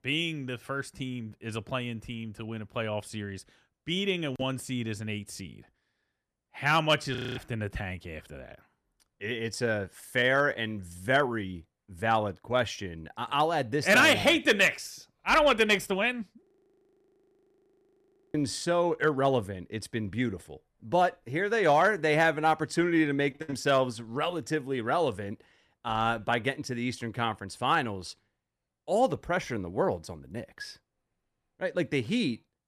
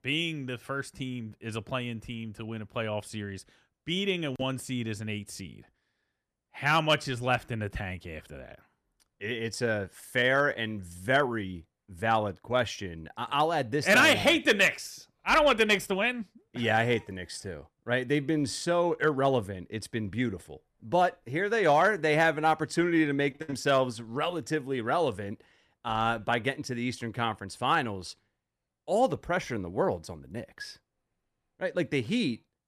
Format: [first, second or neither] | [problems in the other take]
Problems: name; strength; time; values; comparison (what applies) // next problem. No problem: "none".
second | audio freezing; at 7 s and at 16 s for 2 s